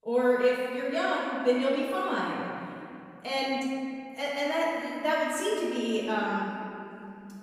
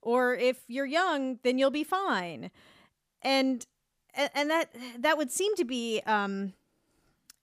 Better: second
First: off-mic speech; far // room echo; strong; dies away in 2.6 s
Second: none

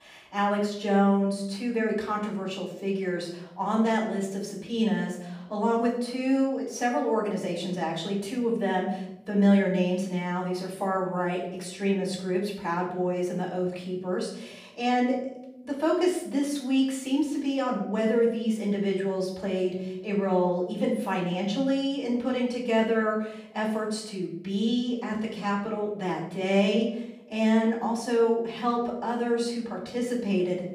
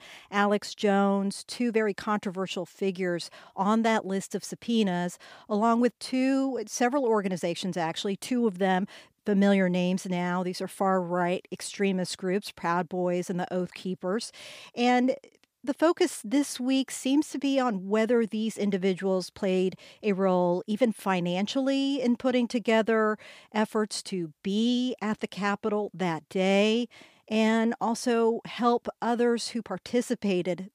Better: second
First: off-mic speech; far // room echo; noticeable; dies away in 0.7 s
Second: none

